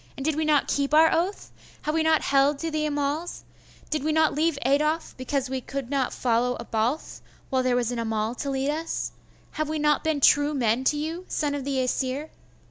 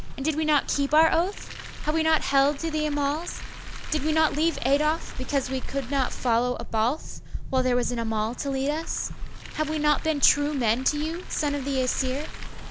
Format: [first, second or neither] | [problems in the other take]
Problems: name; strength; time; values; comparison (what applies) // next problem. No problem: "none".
first | background sound (Car); 5 dB below the speech